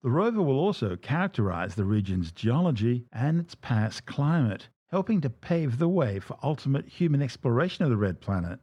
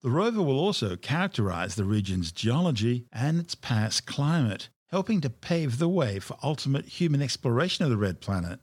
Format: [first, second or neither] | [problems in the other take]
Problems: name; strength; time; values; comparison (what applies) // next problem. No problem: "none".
second | muffled; slightly; fading above 3 kHz